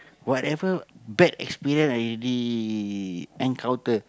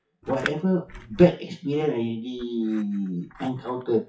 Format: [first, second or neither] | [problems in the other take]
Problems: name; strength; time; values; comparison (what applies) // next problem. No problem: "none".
first | noise reduction (classical method WPE with log-MMSE)